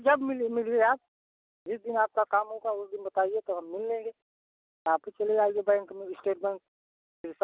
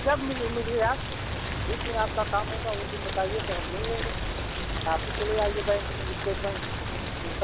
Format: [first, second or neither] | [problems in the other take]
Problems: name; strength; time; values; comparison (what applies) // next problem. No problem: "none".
first | background sound (Rain); 1 dB below the speech